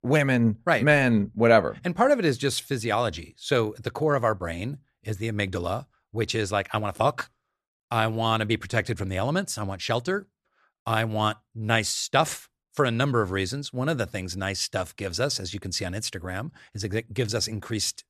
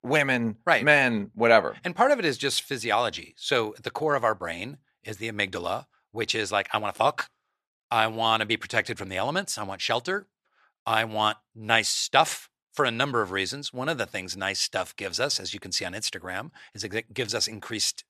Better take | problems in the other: first | thin; somewhat; fading below 650 Hz

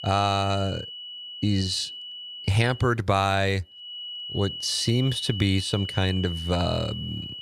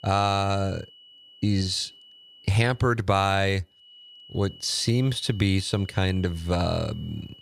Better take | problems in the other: second | high-pitched whine; loud; until 3 s and from 4 s on; 3 kHz, 9 dB below the speech; faint in the second

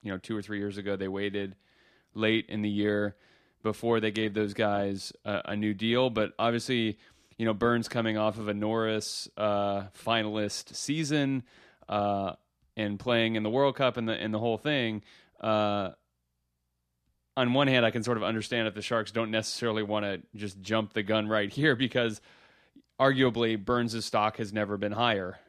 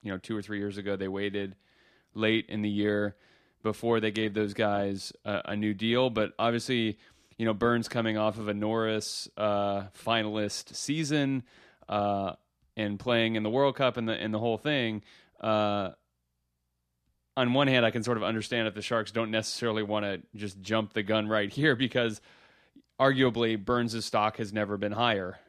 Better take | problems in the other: neither | none

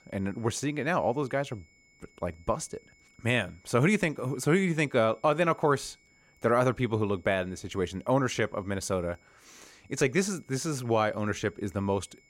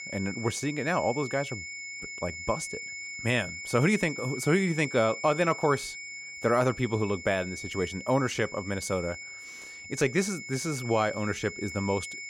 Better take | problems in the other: first | high-pitched whine; loud; throughout; 2 kHz, 9 dB below the speech; faint in the first

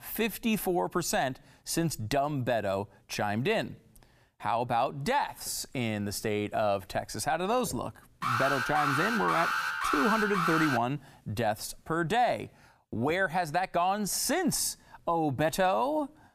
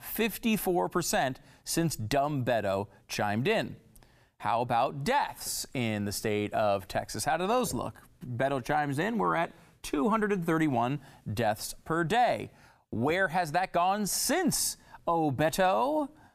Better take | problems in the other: second | alarm; loud; from 8 to 11 s; peak 1 dB above the speech

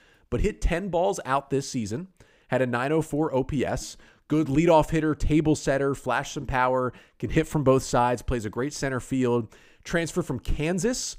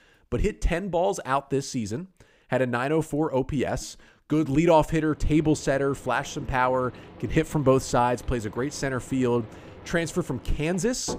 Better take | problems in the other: first | household noises; faint; from 5 s on; 20 dB below the speech

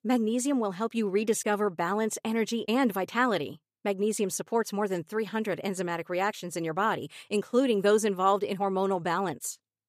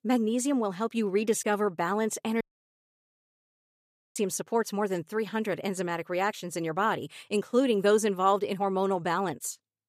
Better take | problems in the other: first | audio cutting out; at 2.5 s for 1.5 s

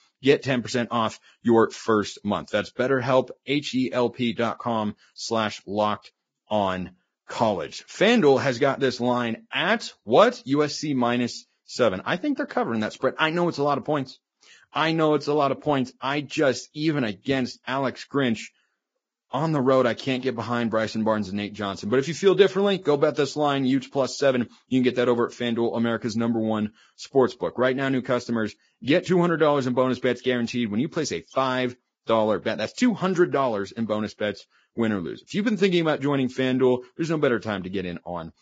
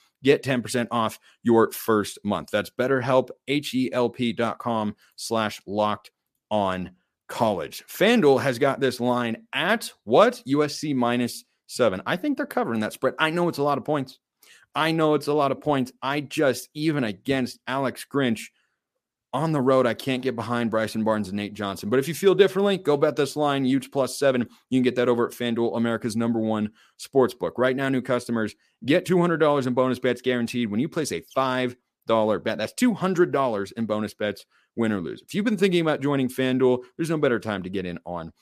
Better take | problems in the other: second | garbled, watery; badly; nothing above 7.5 kHz

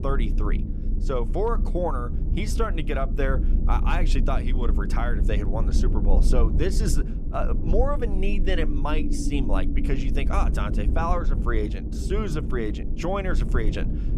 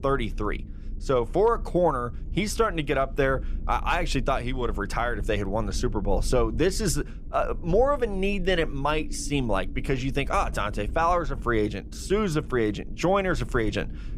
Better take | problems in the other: second | low rumble; loud; throughout; 9 dB below the speech; faint in the second

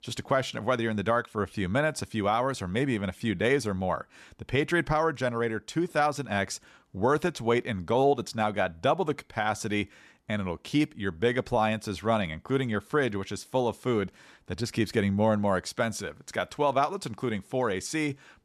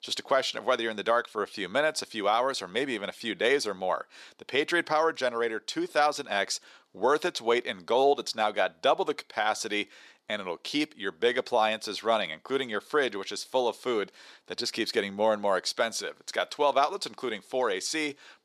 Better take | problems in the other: first | thin; somewhat; fading below 450 Hz

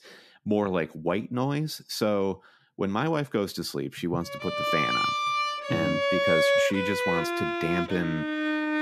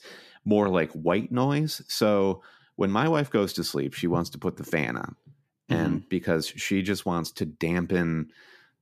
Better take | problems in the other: second | background music; very loud; from 4.5 s on; 3 dB above the speech

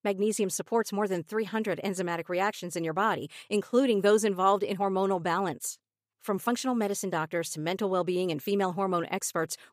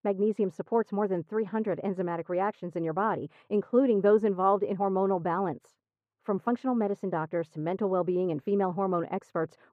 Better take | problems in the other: first | muffled; very; fading above 3 kHz

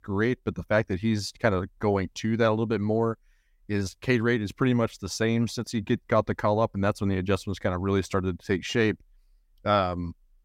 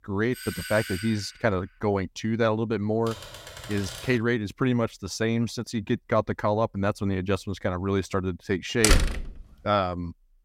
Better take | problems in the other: first | doorbell; noticeable; until 1.5 s; peak 7 dB below the speech // keyboard typing; faint; from 3 to 4 s; peak 10 dB below the speech // door banging; loud; at 9 s; peak 5 dB above the speech

